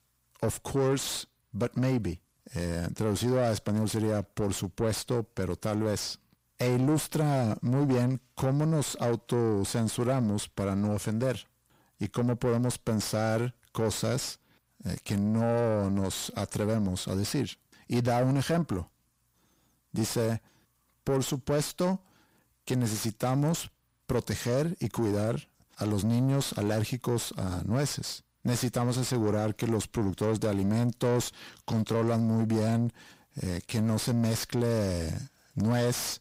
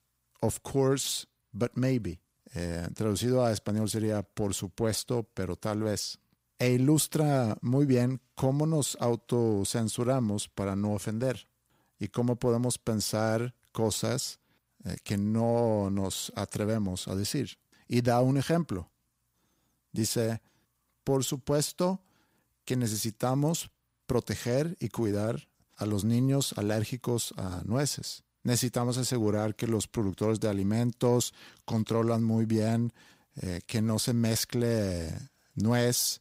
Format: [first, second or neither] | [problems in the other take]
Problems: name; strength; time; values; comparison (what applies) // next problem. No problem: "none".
second | distortion; slight; 10 dB below the speech